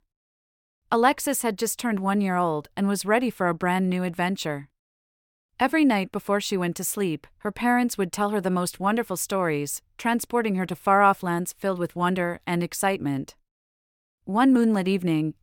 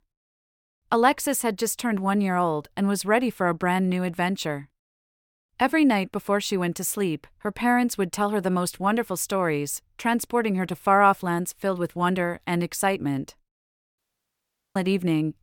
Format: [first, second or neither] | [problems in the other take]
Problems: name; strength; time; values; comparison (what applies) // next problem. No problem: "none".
first | audio cutting out; at 14 s for 1 s